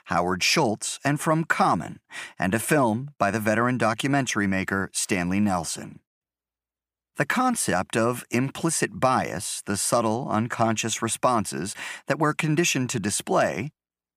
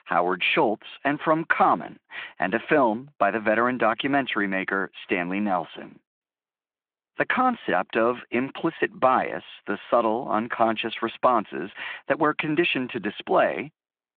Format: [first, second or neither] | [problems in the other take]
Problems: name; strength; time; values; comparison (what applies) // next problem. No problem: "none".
first | phone-call audio